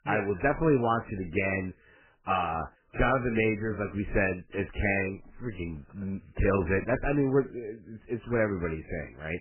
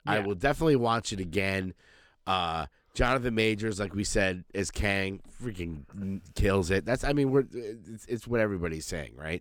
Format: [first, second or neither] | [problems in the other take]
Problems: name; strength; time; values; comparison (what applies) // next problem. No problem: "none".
second | garbled, watery; badly; nothing above 2.5 kHz